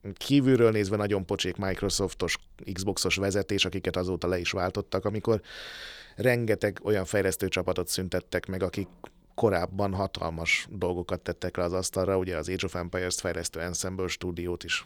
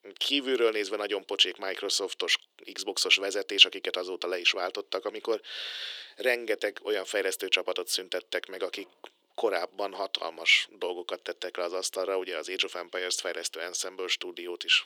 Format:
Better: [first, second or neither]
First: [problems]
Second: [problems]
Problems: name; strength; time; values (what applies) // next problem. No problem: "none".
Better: first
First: none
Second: thin; somewhat; fading below 350 Hz